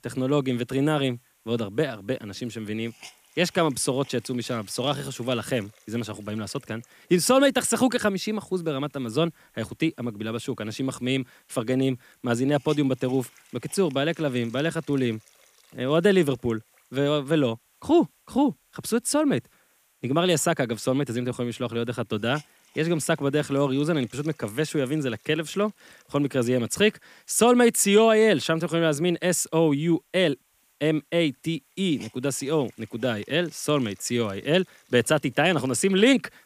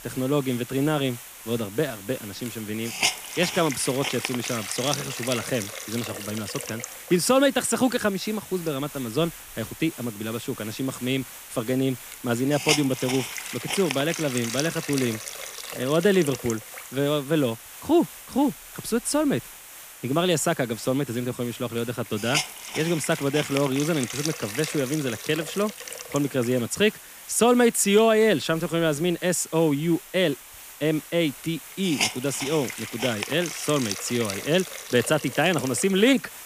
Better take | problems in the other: first | hiss; loud; throughout; 8 dB below the speech; faint in the first

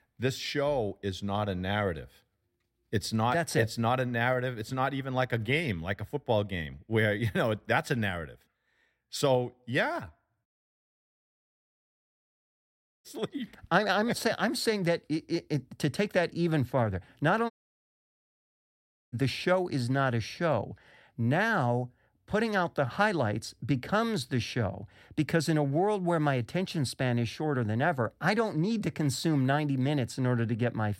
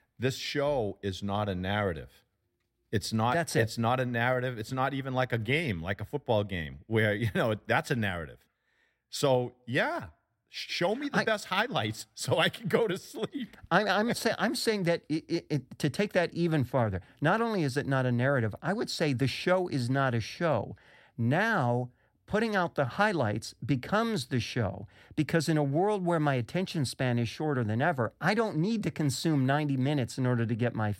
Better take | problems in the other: second | audio cutting out; at 10 s for 2.5 s and at 18 s for 1.5 s

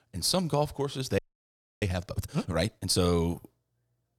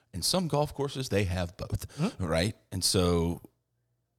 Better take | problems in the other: second | audio freezing; at 1 s for 0.5 s

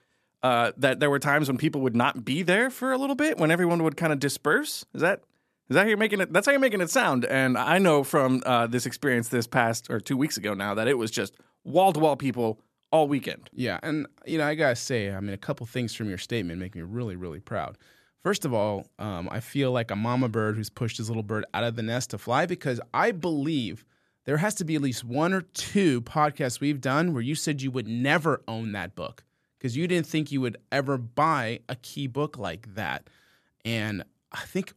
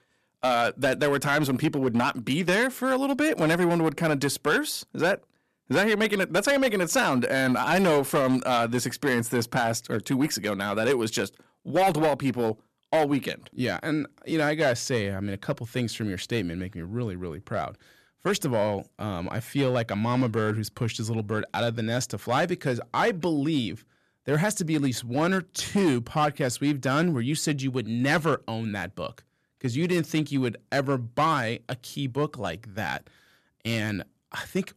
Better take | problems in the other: first | distortion; slight; 5% of the sound clipped

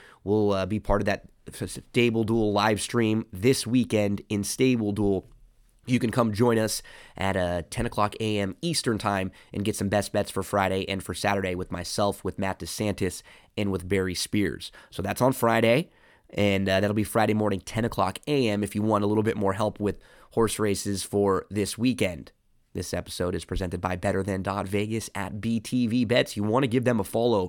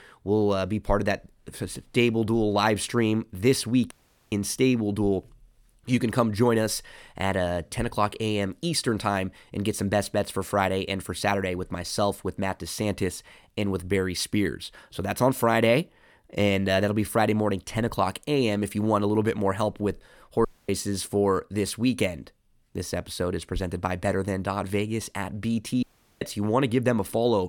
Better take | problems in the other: first | audio cutting out; at 4 s, at 20 s and at 26 s

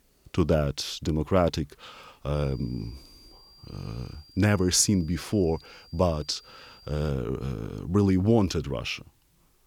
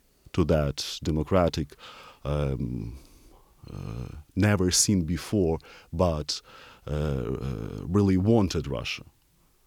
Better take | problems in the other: second | high-pitched whine; faint; from 2.5 to 7 s; 4.5 kHz, 25 dB below the speech

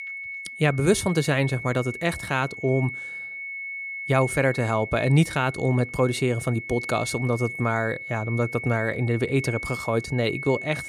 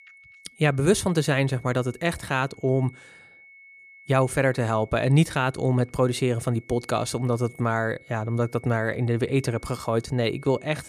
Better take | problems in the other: second | high-pitched whine; loud; throughout; 2 kHz, 9 dB below the speech; faint in the second

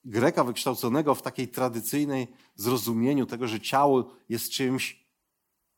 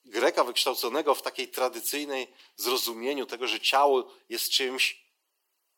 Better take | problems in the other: first | thin; somewhat; fading below 400 Hz

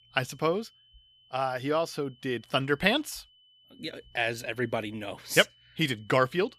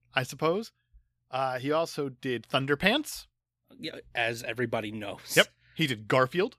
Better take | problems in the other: second | high-pitched whine; faint; throughout; 3 kHz, 30 dB below the speech

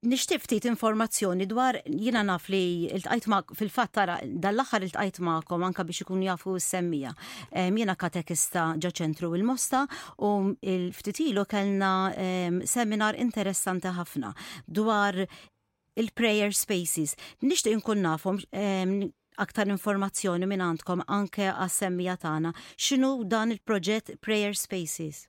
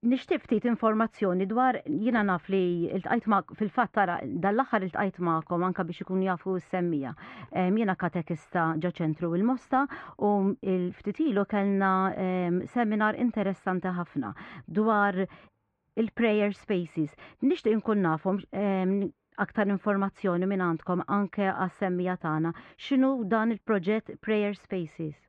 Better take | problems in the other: first | muffled; very; fading above 2 kHz

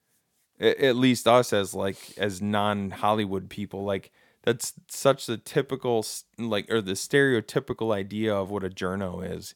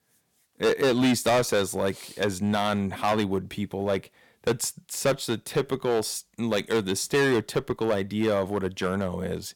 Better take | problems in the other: first | distortion; heavy; 7% of the sound clipped

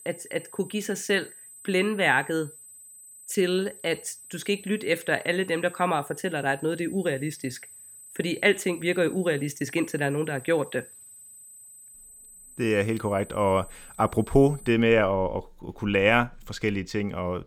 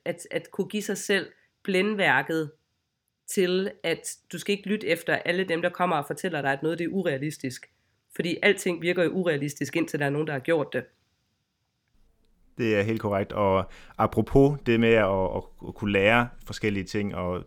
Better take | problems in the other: second | high-pitched whine; noticeable; until 15 s; 8 kHz, 20 dB below the speech

